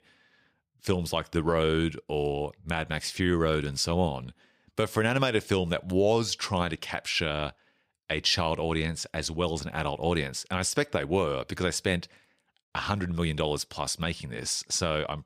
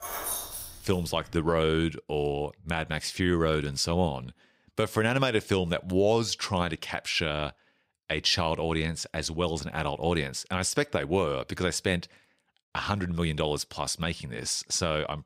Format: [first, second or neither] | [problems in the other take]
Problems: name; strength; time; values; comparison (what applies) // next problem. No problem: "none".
first | jangling keys; noticeable; until 1.5 s; peak 3 dB below the speech